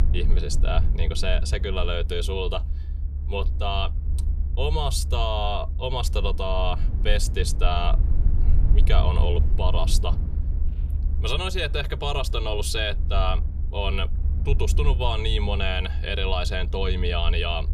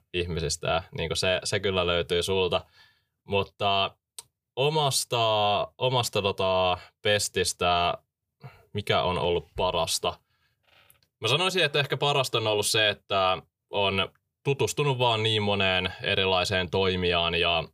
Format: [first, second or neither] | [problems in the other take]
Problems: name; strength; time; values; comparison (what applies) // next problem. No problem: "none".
second | low rumble; noticeable; throughout; 15 dB below the speech